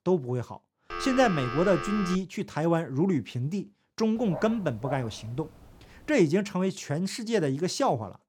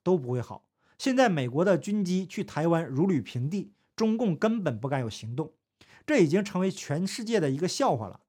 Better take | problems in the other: second | phone ringing; noticeable; from 1 to 2 s; peak 6 dB below the speech // dog barking; faint; from 4 to 6 s; peak 15 dB below the speech

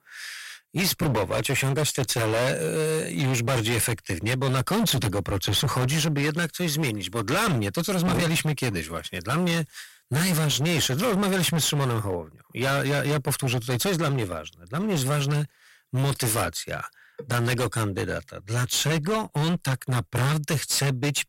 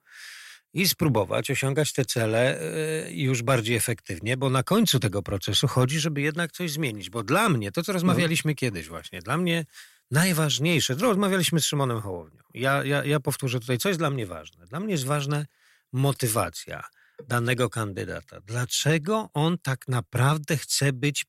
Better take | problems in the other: second | distortion; heavy; 24% of the sound clipped

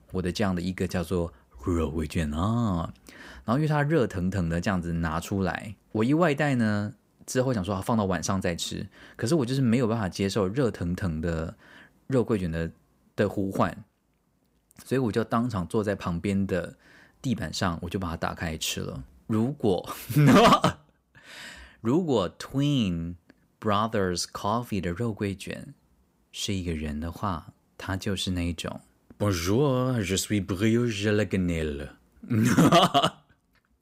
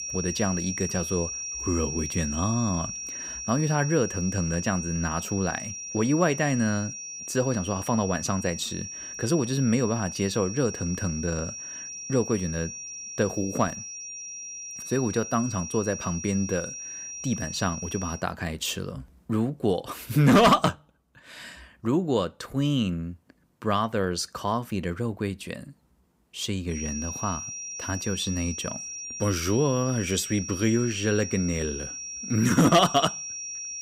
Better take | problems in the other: first | high-pitched whine; loud; until 18 s and from 27 s on; 5.5 kHz, 7 dB below the speech

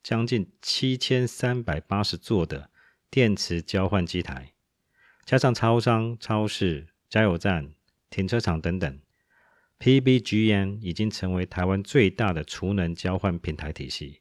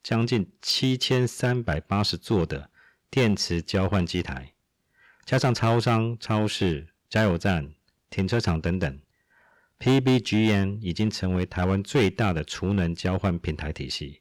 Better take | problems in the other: first | distortion; slight; 5% of the sound clipped

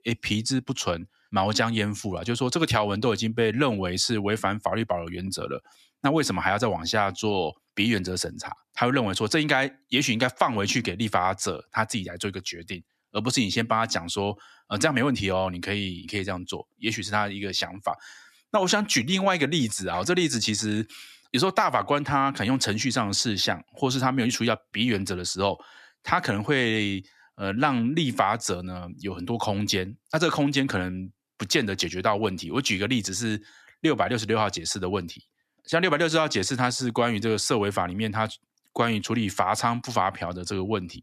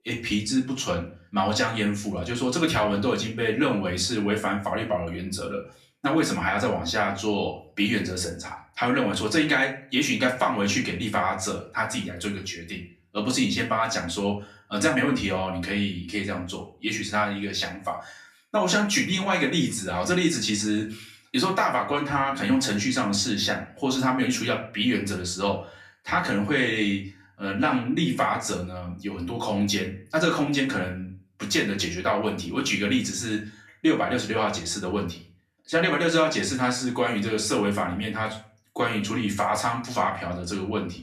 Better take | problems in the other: first | room echo; slight; dies away in 0.3 s // off-mic speech; far

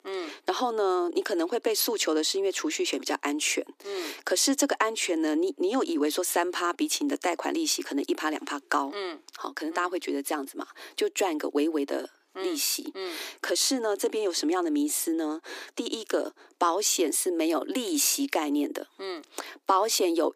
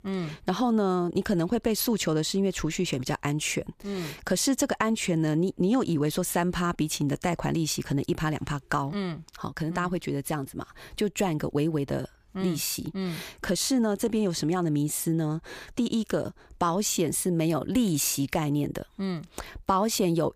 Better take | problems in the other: second | thin; somewhat; fading below 300 Hz

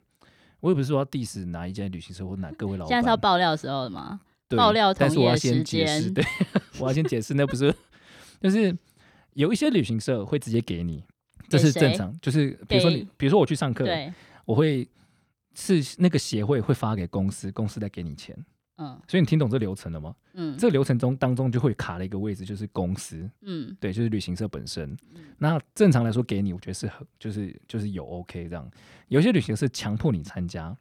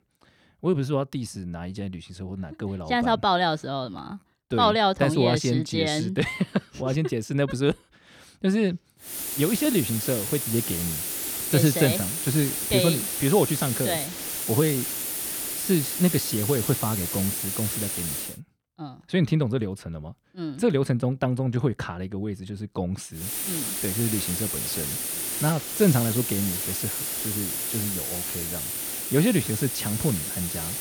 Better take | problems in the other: first | hiss; loud; from 9 to 18 s and from 23 s on; 2 dB below the speech

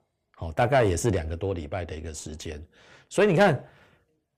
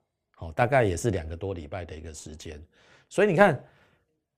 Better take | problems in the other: second | distortion; slight; 10 dB below the speech

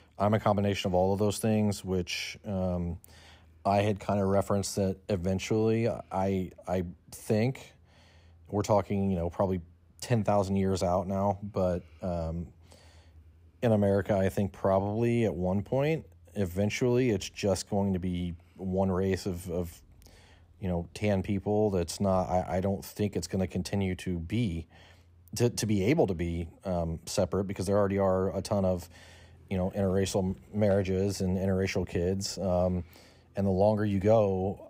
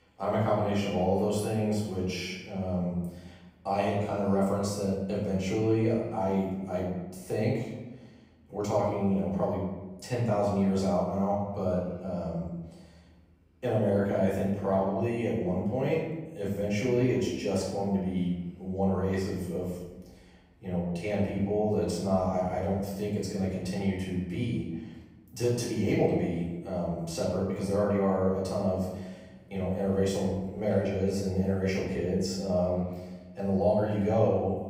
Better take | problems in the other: first | room echo; noticeable; dies away in 0.9 s // off-mic speech; far

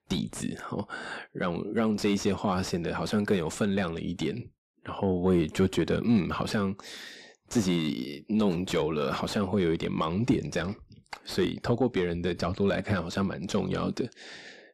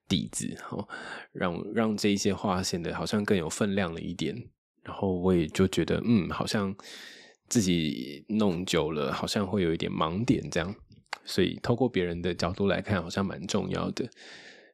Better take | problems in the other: second | distortion; slight; 10 dB below the speech

